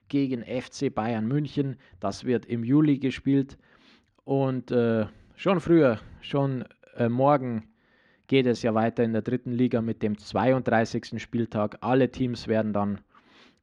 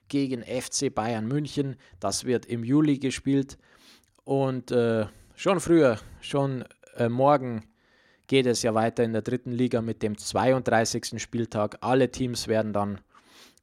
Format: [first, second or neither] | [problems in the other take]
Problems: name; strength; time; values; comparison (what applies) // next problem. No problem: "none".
second | muffled; slightly; fading above 3 kHz